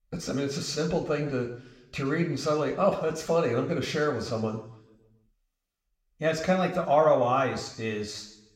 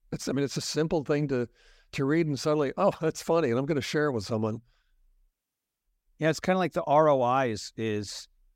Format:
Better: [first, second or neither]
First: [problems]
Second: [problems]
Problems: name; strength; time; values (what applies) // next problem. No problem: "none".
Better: second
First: room echo; slight; dies away in 0.7 s // off-mic speech; somewhat distant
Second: none